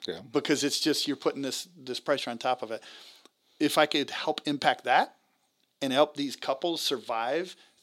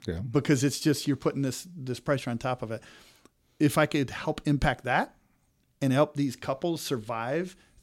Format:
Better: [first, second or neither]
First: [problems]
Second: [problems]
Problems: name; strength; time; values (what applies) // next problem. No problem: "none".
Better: second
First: thin; somewhat; fading below 350 Hz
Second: none